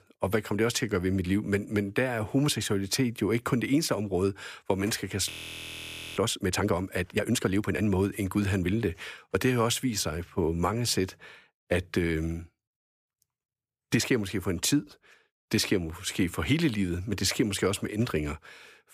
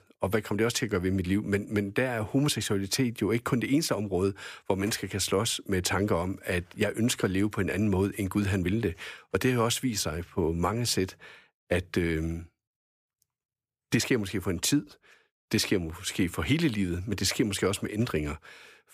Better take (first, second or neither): second